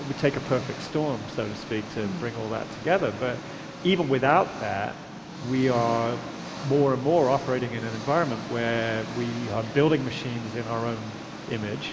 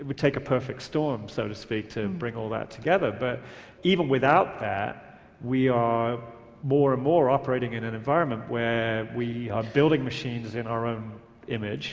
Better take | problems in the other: second | background sound (Engine); 11 dB below the speech

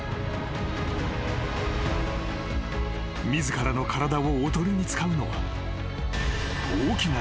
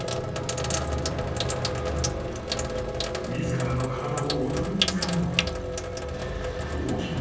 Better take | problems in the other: first | background sound (Sink (filling or washing)); 2 dB below the speech // room echo; dies away in 1.1 s

